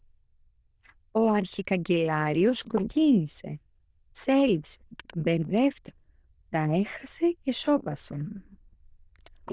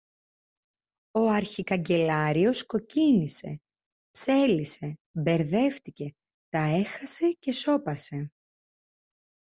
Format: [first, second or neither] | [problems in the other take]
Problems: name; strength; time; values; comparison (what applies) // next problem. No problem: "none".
second | noise reduction (neural diffusion model UNIVERSE++)